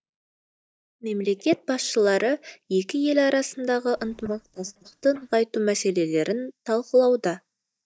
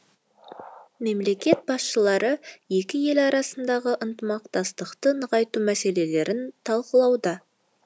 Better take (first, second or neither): second